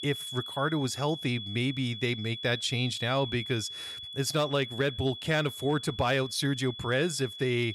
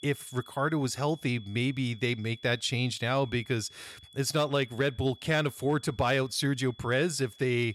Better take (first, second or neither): second